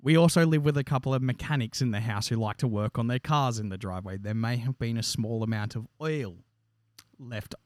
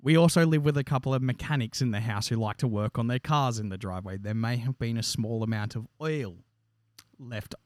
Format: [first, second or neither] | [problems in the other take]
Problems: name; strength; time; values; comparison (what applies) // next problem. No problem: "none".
neither | none